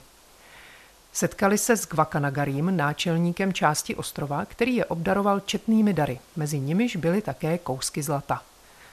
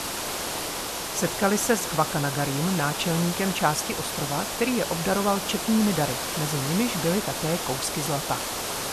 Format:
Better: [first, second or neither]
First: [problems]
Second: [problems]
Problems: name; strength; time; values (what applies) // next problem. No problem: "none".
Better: first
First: hiss; faint; throughout; 30 dB below the speech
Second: hiss; loud; throughout; 2 dB below the speech